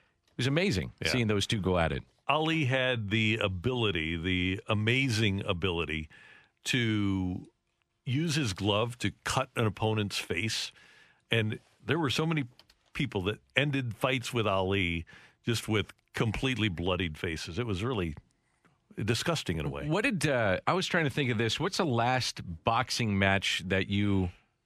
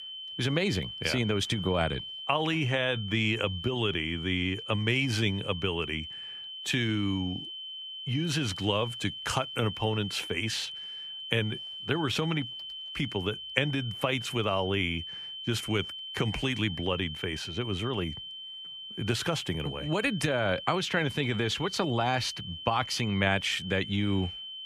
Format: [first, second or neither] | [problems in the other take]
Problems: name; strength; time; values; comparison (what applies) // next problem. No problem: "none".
first | high-pitched whine; loud; throughout; 3 kHz, 8 dB below the speech